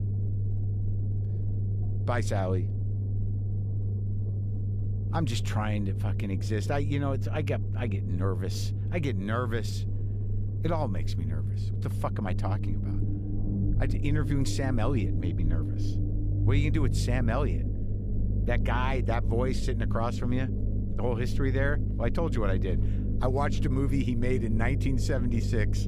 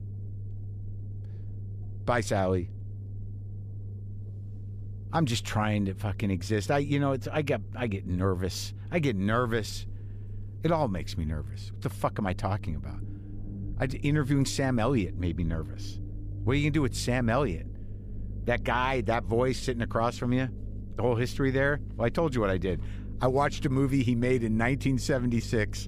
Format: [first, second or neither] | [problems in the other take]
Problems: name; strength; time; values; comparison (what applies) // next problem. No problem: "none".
second | low rumble; loud; throughout; 9 dB below the speech; faint in the second